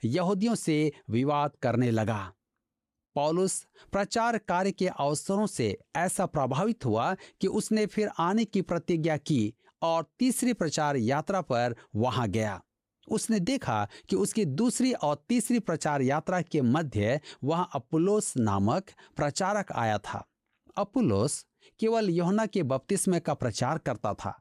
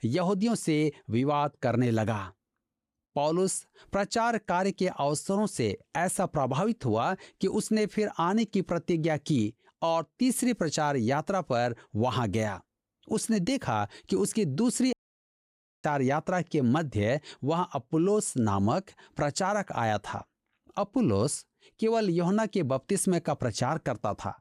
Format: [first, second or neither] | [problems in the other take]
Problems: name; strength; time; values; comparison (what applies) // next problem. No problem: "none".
first | audio cutting out; at 15 s for 1 s